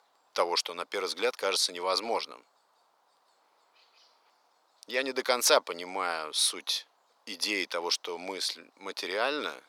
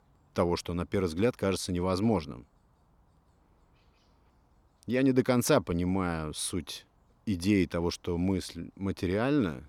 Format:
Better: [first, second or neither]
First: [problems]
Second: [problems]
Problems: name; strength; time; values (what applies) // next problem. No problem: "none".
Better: second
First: thin; very; fading below 600 Hz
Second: none